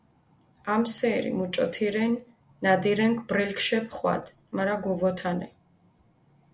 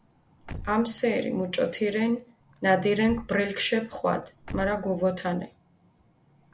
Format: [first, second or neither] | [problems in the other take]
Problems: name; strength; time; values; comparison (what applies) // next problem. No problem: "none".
first | background sound (Slam / Car); 18 dB below the speech